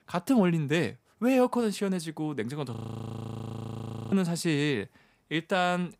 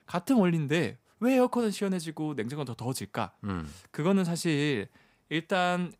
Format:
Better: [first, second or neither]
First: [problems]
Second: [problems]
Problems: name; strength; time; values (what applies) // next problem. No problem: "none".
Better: second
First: audio freezing; at 3 s for 1.5 s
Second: none